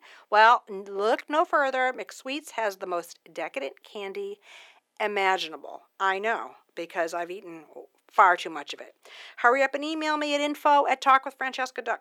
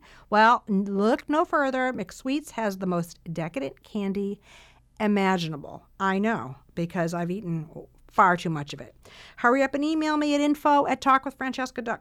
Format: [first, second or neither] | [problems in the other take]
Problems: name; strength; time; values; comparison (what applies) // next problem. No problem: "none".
second | thin; somewhat; fading below 350 Hz